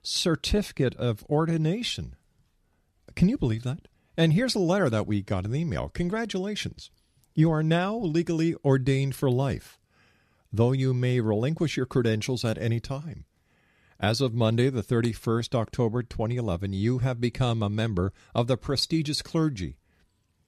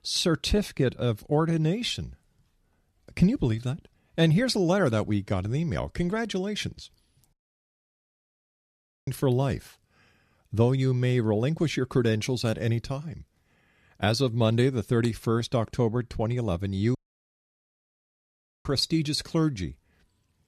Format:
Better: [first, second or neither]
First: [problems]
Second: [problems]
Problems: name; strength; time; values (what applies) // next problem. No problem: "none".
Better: first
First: none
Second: audio cutting out; at 7.5 s for 1.5 s and at 17 s for 1.5 s